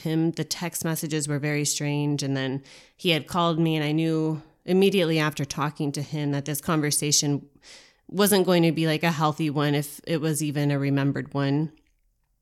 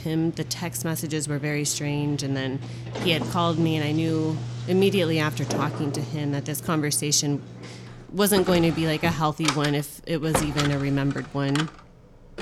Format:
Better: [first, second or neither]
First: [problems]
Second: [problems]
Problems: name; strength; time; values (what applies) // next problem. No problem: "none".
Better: first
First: none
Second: household noises; loud; throughout; 8 dB below the speech